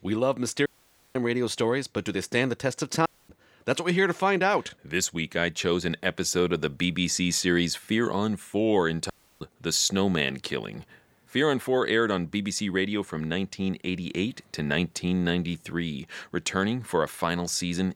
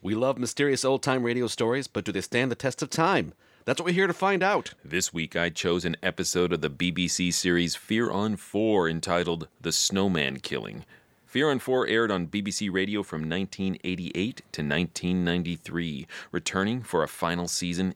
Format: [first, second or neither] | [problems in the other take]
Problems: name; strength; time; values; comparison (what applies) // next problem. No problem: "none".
second | audio cutting out; at 0.5 s, at 3 s and at 9 s